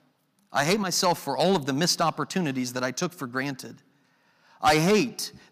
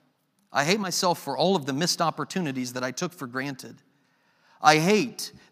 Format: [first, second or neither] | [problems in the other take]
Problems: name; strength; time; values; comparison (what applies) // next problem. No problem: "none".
second | distortion; slight; 2% of the sound clipped